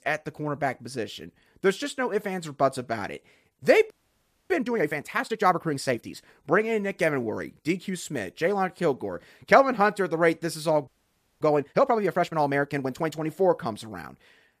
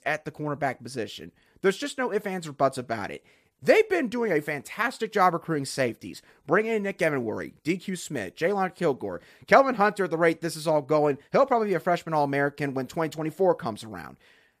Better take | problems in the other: second | audio freezing; at 4 s for 0.5 s and at 11 s for 0.5 s

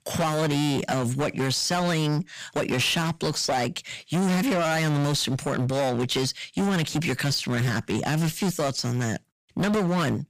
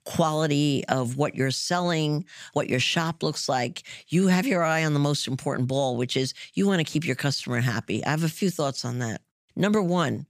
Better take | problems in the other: second | distortion; heavy; 25% of the sound clipped

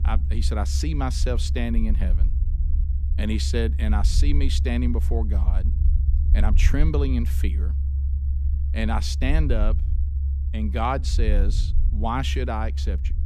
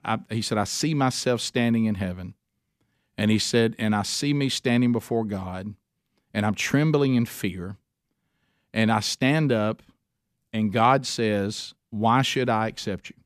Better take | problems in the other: second | low rumble; noticeable; throughout; 10 dB below the speech

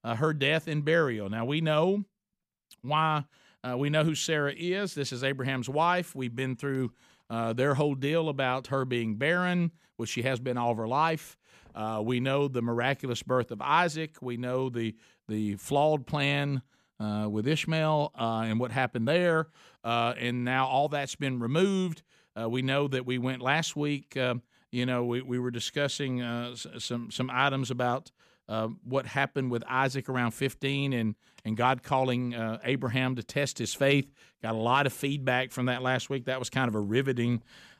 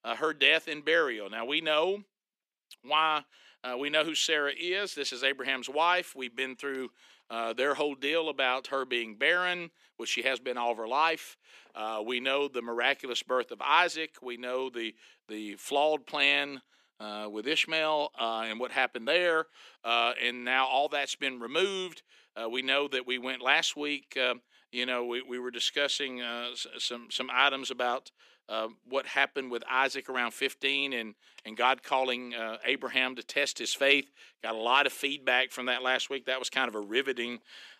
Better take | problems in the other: first | thin; somewhat; fading below 300 Hz

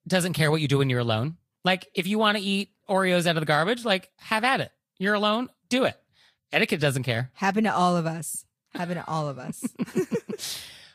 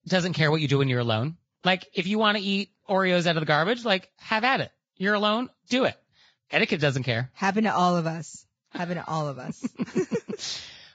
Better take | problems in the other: first | garbled, watery; badly; nothing above 7.5 kHz; slightly in the first

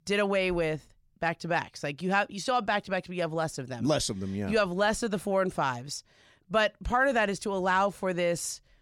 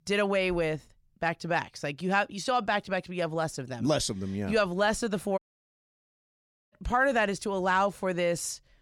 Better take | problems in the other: first | audio cutting out; at 5.5 s for 1.5 s

